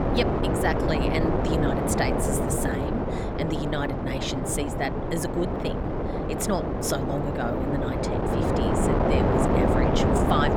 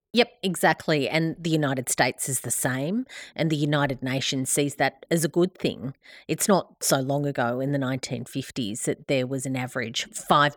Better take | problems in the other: second | wind noise on the microphone; heavy; 4 dB above the speech

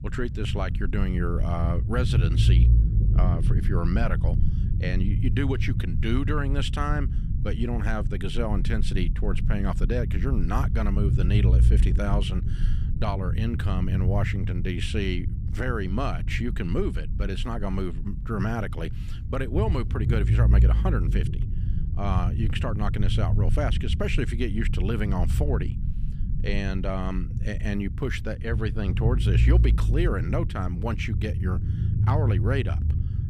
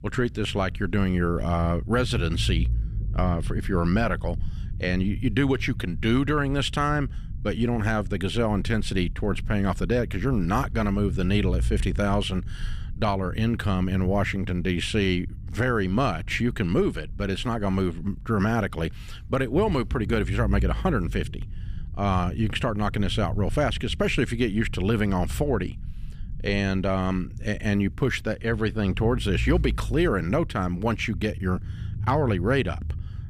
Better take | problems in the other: second | low rumble; loud; throughout; 8 dB below the speech; faint in the second

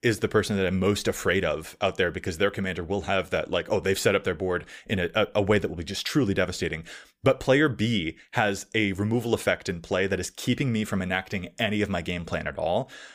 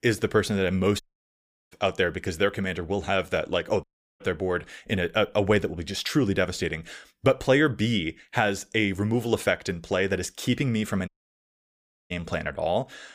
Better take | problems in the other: first | audio cutting out; at 1 s for 0.5 s, at 4 s and at 11 s for 1 s

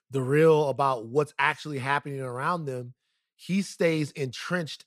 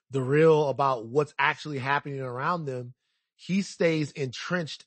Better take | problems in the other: first | garbled, watery; slightly; nothing above 8 kHz

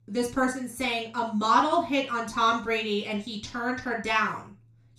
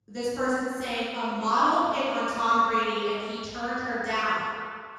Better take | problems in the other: first | room echo; strong; dies away in 1.8 s; slight in the first // off-mic speech; far; far in the first

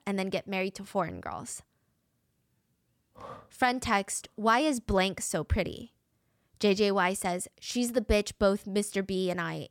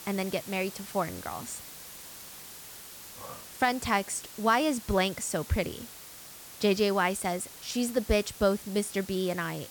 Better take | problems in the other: first | hiss; noticeable; throughout; 15 dB below the speech

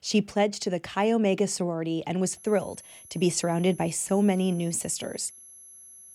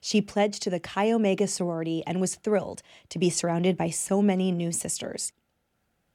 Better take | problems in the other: second | high-pitched whine; noticeable; from 2.5 s on; 11 kHz, 20 dB below the speech

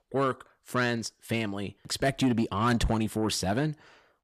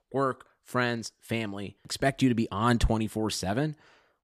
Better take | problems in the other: second | distortion; slight; 10 dB below the speech

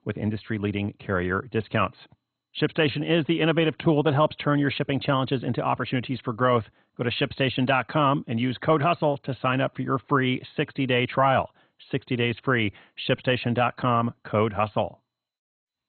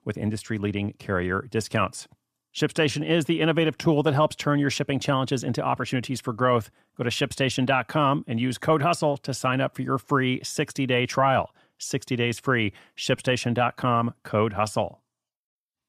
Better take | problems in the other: second | garbled, watery; badly; nothing above 4 kHz

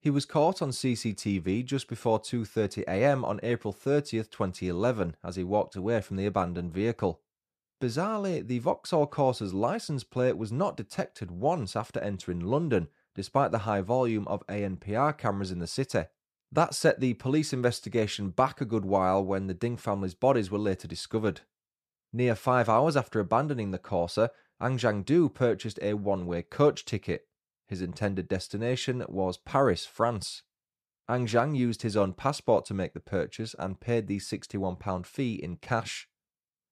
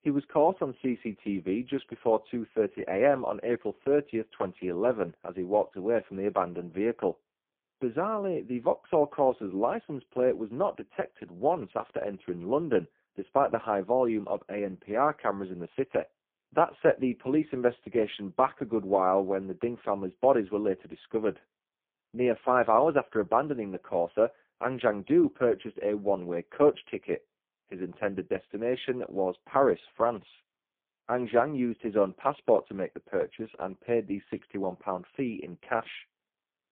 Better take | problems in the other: first | phone-call audio; poor line

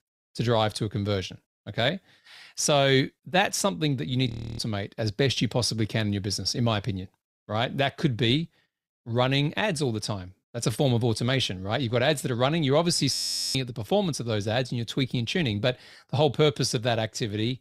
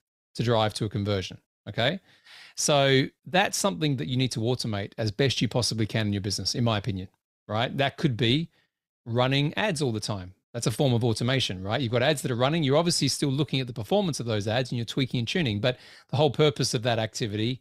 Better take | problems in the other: second | audio freezing; at 4.5 s and at 13 s

